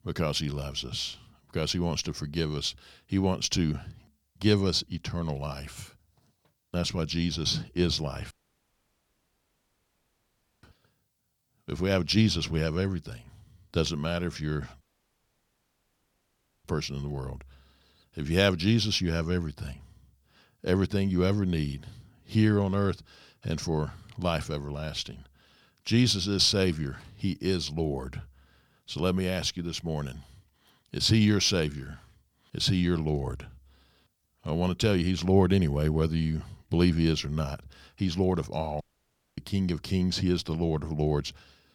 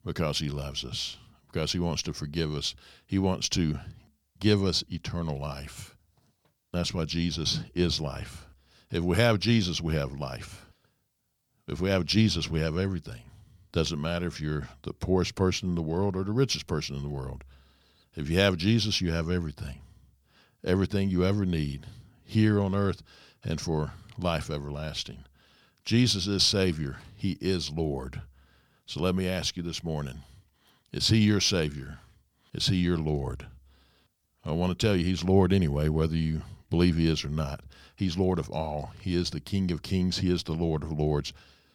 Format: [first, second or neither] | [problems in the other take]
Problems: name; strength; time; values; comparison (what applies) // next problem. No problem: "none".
second | audio cutting out; at 8.5 s for 2.5 s, at 15 s for 2 s and at 39 s for 0.5 s